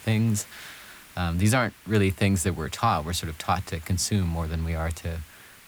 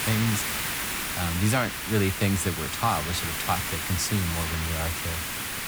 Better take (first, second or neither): first